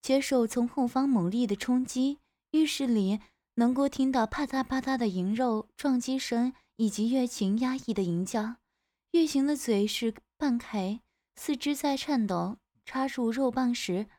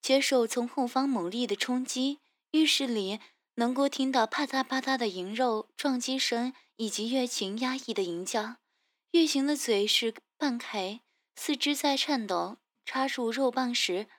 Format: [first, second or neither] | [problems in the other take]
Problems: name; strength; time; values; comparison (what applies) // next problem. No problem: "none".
first | thin; very slightly; fading below 300 Hz